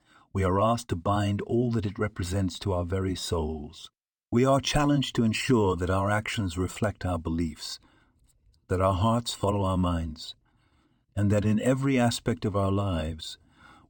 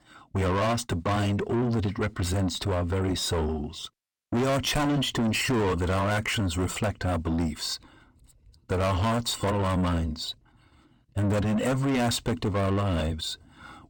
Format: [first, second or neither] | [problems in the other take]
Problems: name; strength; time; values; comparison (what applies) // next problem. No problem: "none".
first | distortion; heavy; 8 dB below the speech